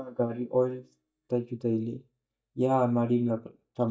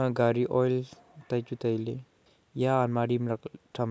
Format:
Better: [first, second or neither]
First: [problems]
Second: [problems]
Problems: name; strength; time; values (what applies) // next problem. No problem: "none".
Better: second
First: noise reduction (neural mask model DeepFilterNet 3)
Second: none